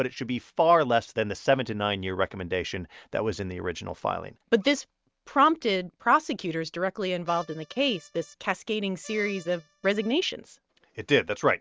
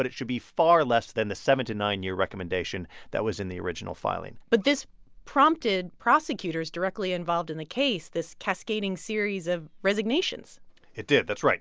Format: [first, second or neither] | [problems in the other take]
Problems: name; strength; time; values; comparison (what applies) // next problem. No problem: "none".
second | noise reduction (neural mask model RNNoise)